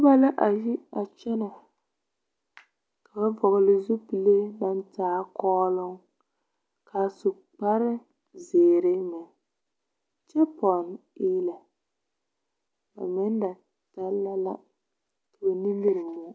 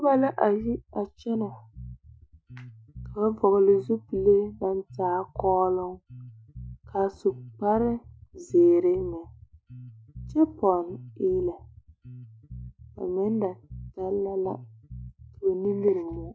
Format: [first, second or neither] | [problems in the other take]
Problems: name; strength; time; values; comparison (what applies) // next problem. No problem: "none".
first | noise reduction (classical method Wiener filter)